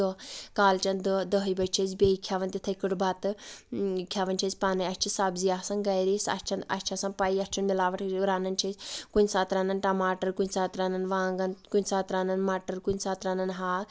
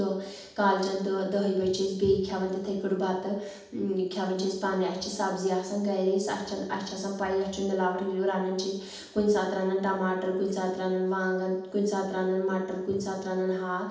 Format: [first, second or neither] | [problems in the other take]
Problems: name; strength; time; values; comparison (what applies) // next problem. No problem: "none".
first | room echo; dies away in 0.8 s